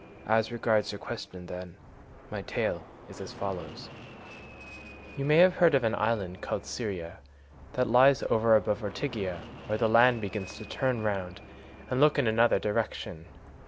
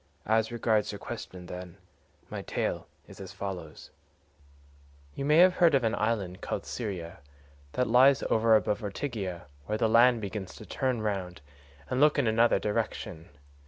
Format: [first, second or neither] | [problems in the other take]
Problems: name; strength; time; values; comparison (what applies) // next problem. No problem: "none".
second | background sound (Fixed-wing aircraft, airplane); 18 dB below the speech